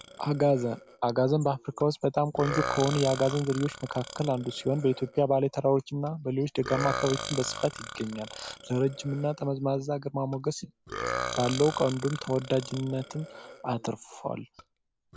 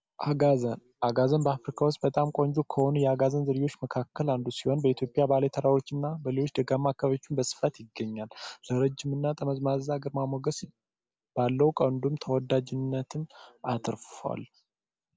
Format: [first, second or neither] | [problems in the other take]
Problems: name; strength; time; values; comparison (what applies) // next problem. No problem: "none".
second | background sound (Burping, eructation); 11 dB below the speech